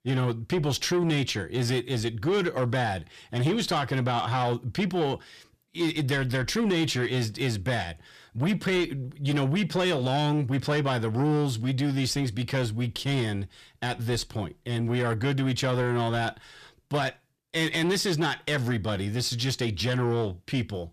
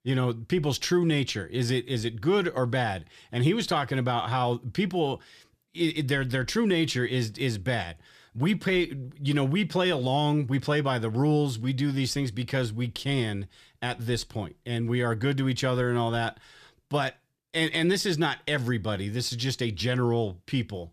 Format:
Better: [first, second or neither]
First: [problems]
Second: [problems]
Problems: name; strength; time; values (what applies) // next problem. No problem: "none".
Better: second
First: distortion; slight; 10 dB below the speech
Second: none